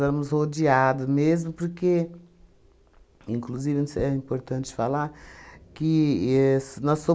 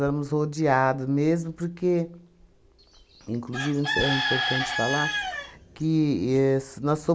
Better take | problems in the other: first | background sound (Bird / Chicken, rooster); 5 dB below the speech

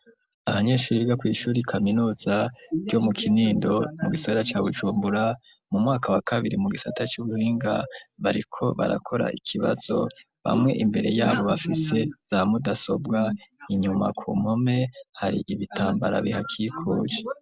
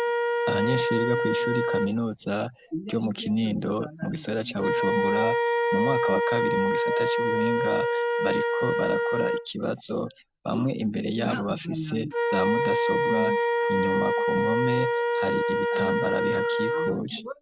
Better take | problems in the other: first | background sound (Wind instrument, woodwind instrument); 3 dB above the speech

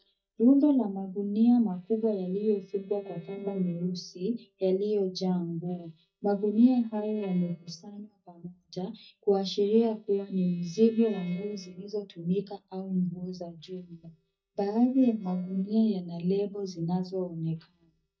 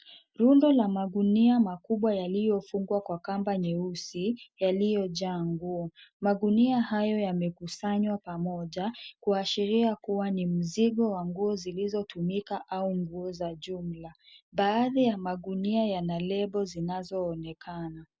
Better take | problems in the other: second | noise reduction (neural mask model DeepFilterNet 3)

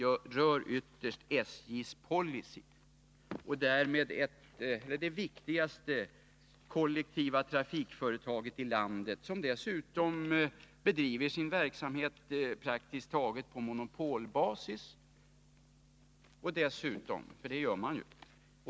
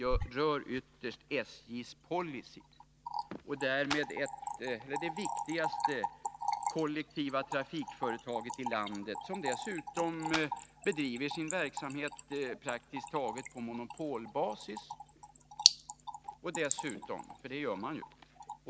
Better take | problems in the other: first | background sound (Trickle, dribble / Splash, splatter + Clapping); 2 dB below the speech

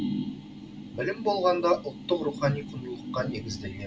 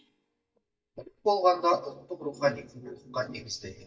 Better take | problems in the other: first | noise reduction (neural mask model DeepFilterNet 3)

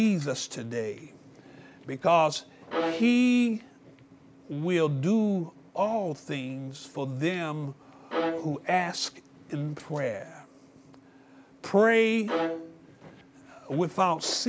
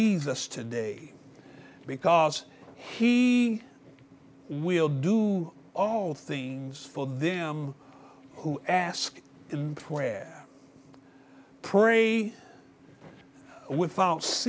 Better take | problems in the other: second | background sound (Bowed string instrument); 6 dB below the speech

